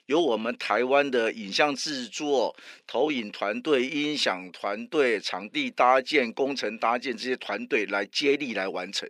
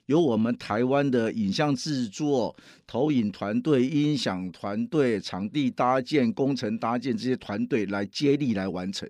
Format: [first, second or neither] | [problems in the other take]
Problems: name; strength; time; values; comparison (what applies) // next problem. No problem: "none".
second | thin; somewhat; fading below 500 Hz